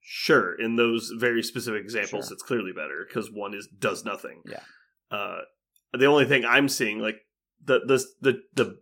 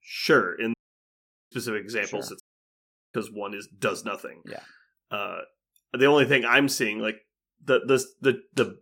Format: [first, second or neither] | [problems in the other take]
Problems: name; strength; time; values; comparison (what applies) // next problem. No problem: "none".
first | audio cutting out; at 0.5 s for 1 s and at 2.5 s for 0.5 s